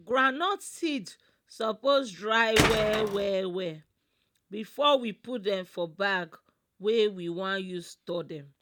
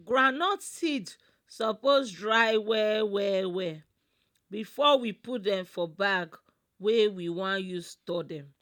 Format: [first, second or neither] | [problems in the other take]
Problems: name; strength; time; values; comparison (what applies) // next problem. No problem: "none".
second | background sound (Tools); 2 dB above the speech